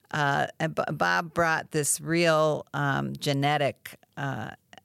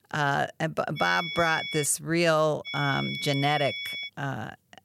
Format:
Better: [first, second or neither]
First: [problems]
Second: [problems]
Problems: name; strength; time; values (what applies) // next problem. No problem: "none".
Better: first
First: none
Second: high-pitched whine; loud; at 1 s and from 2.5 to 4 s; 2 kHz, 6 dB below the speech